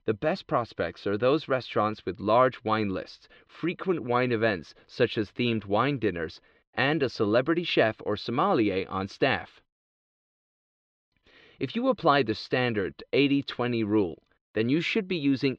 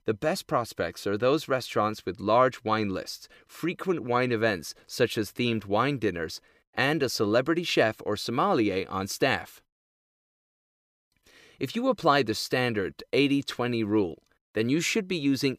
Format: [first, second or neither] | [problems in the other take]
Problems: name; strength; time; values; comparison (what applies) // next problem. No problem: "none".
second | muffled; very slightly; fading above 3.5 kHz